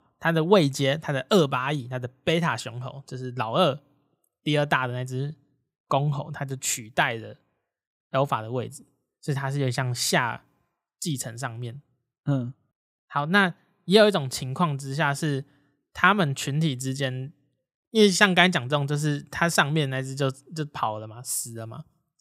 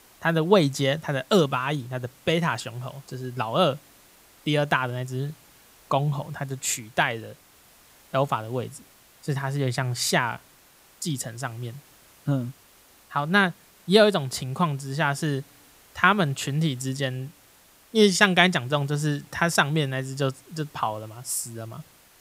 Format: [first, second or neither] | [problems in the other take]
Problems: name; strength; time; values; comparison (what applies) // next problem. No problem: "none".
first | hiss; faint; throughout; 30 dB below the speech